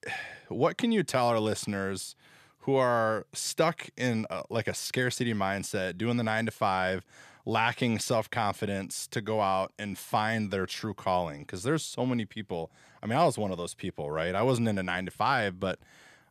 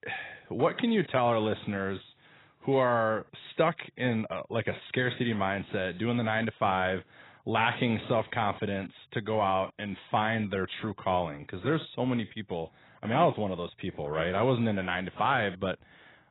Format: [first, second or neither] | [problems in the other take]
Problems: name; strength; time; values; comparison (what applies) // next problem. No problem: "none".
first | garbled, watery; badly; nothing above 4 kHz